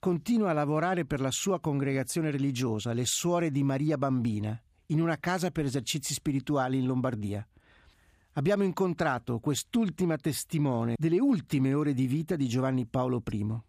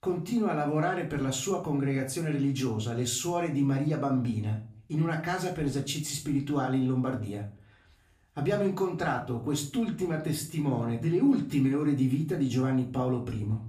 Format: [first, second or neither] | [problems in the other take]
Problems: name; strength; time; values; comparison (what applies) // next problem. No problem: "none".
first | room echo; slight; dies away in 0.4 s // off-mic speech; somewhat distant